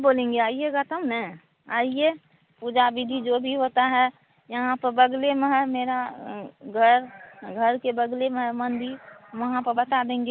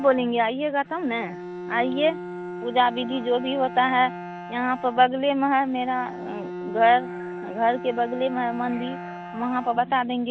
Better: first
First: none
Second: background sound (Bowed string instrument); 12 dB below the speech

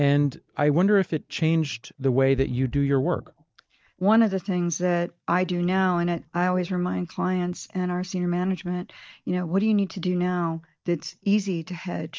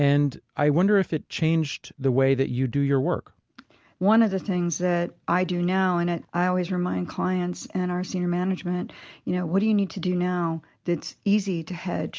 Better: second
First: noise reduction (neural mask model DeepFilterNet 3)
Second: none

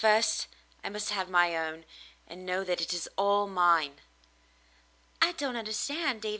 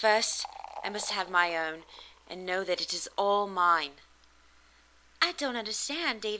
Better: first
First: none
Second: background sound (Fill (with liquid)); 20 dB below the speech

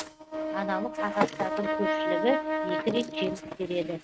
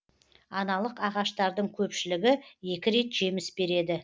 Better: second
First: noise reduction (neural mask model RNNoise)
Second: none

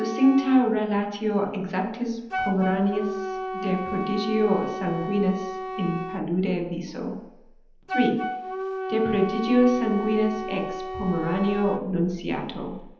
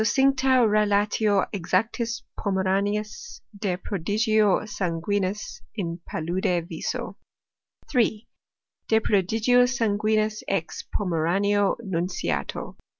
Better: second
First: background sound (Wind instrument, woodwind instrument); 8 dB below the speech // room echo; dies away in 0.9 s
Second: none

